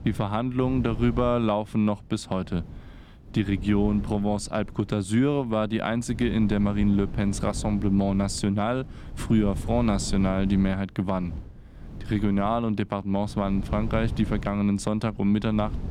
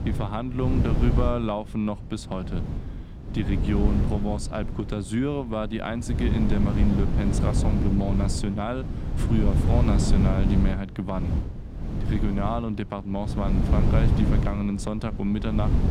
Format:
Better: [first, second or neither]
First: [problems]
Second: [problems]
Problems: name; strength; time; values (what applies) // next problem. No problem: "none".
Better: first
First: wind noise on the microphone; occasional gusts; 20 dB below the speech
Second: wind noise on the microphone; heavy; 4 dB below the speech